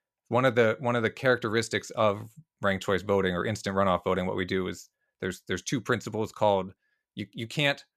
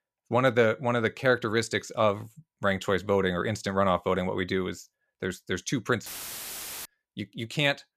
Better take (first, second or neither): first